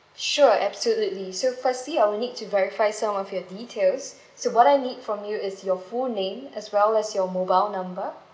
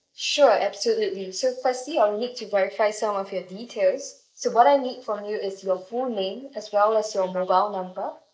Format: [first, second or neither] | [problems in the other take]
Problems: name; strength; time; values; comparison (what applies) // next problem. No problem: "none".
first | noise reduction (neural mask model Resemble Enhance denoiser)